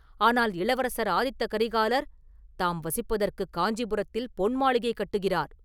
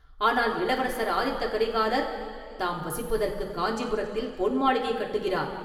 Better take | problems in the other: first | room echo; dies away in 2.1 s

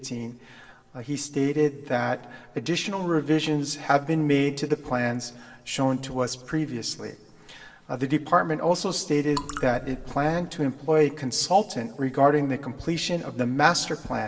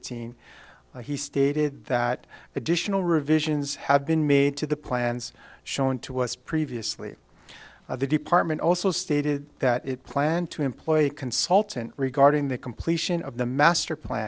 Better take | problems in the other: second | background sound (Raindrop / Drip); 11 dB below the speech // room echo; dies away in 1.3 s

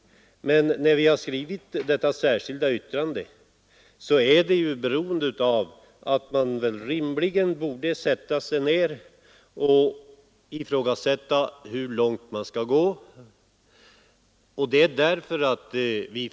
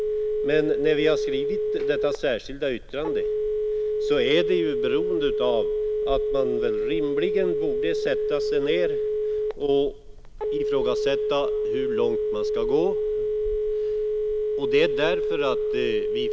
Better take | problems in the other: first | background sound (Telephone); 2 dB above the speech

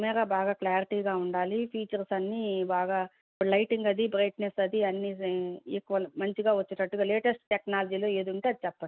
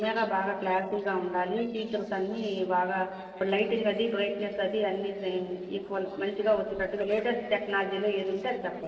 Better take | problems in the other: first | noise reduction (neural separator model SepFormer DNS4)

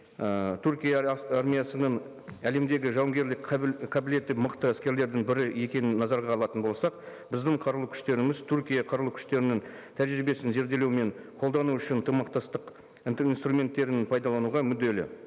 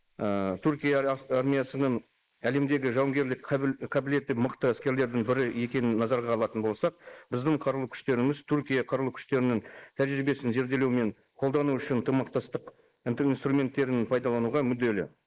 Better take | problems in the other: first | noise reduction (neural mask model Resemble Enhance denoiser)

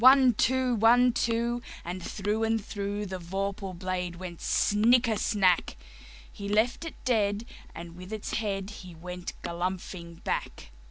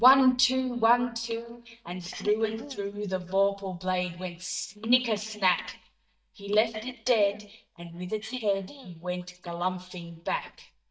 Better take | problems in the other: first | noise reduction (neural mask model DeepFilterNet 3)

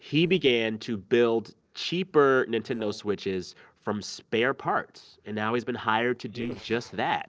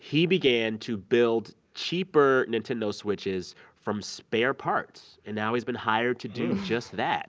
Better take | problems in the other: second | noise reduction (neural separator model SepFormer DNS4)

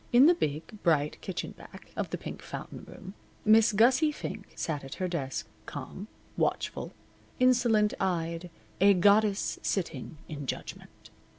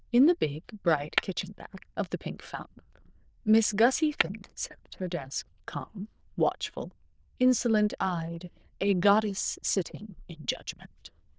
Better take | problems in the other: first | noise reduction (neural diffusion model UNIVERSE++)

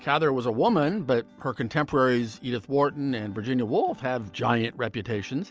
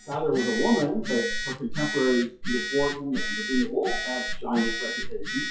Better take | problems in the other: first | noise reduction (classical method WPE with log-MMSE)

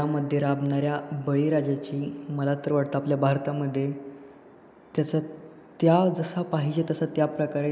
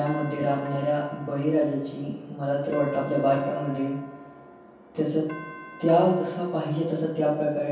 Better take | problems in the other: first | background sound (Doorbell); 18 dB below the speech // room echo; dies away in 0.7 s

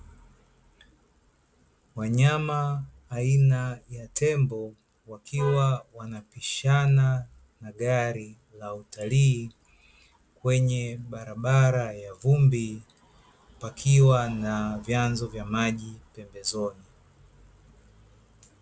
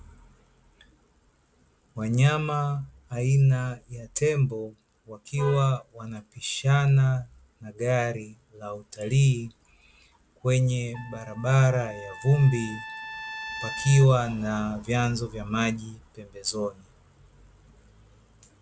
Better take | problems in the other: first | background sound (Trumpet); 12 dB below the speech

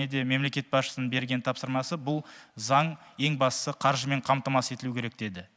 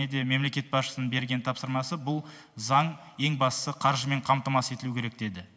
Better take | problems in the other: first | room echo; dies away in 0.8 s

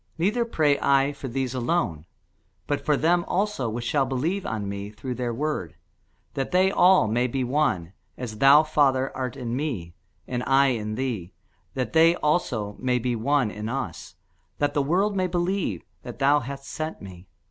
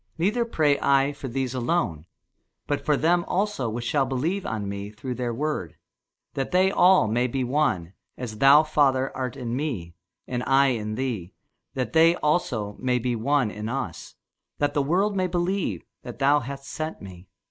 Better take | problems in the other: first | noise reduction (neural mask model Resemble Enhance denoiser)

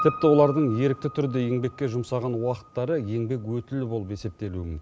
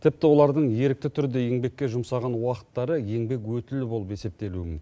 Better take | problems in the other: second | background sound (Piano); 15 dB below the speech

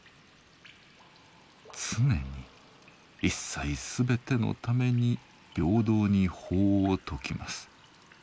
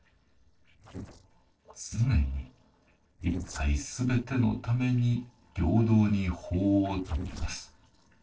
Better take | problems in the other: first | noise reduction (neural separator model SepFormer DNS4)

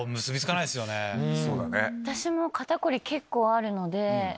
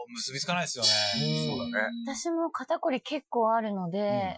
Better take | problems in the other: first | noise reduction (classical method Wiener filter)

